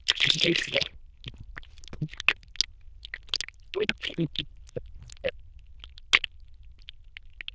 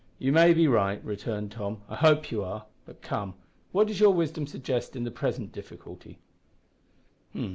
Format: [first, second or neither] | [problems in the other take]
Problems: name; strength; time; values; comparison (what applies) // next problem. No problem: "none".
second | noise reduction (neural diffusion model UNIVERSE++)